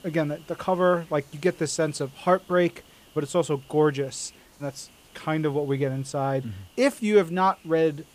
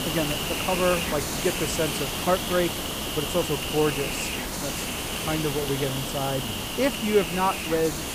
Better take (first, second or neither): first